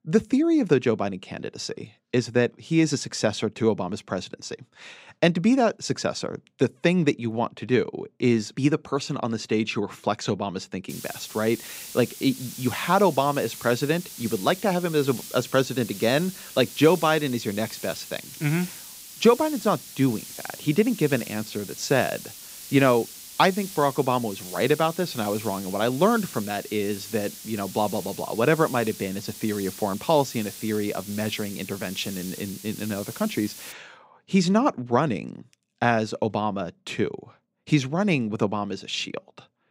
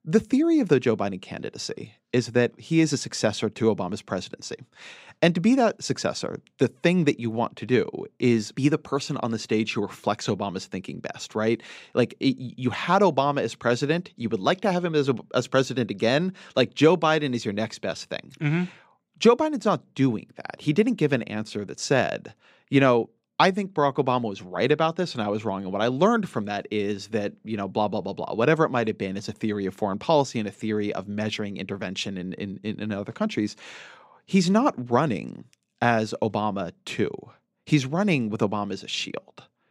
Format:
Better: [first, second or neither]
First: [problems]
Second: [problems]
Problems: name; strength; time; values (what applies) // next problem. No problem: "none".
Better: second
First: hiss; noticeable; from 11 to 34 s; 15 dB below the speech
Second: none